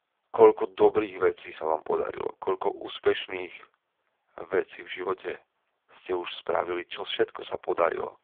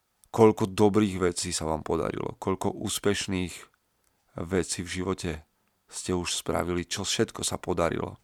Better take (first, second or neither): second